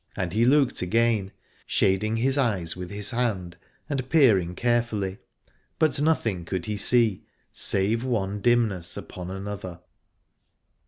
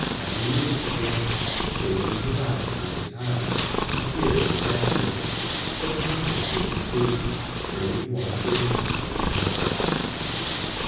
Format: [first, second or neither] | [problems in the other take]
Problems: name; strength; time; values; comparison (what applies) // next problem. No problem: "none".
first | background sound (Purr); 2 dB above the speech // room echo; dies away in 1.3 s